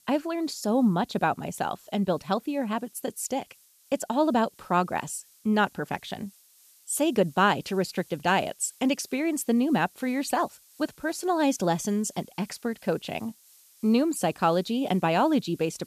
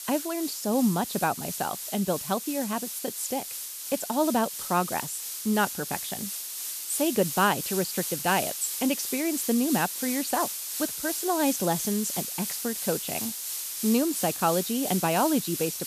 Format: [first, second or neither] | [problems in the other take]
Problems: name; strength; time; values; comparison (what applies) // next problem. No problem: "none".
first | hiss; loud; throughout; 3 dB below the speech; faint in the first